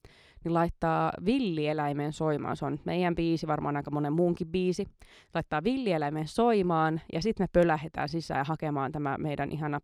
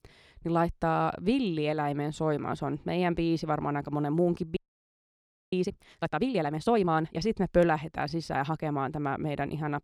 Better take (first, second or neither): first